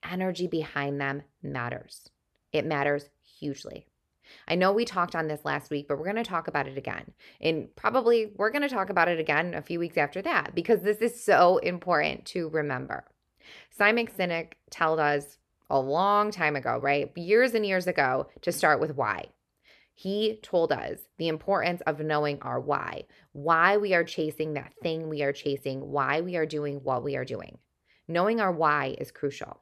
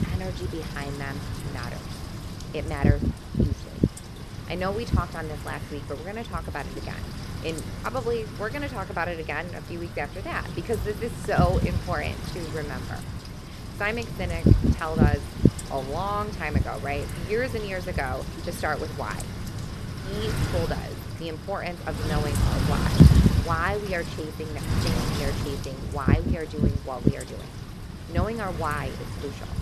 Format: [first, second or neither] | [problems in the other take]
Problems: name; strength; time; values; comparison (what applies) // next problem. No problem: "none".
first | wind noise on the microphone; heavy; 4 dB below the speech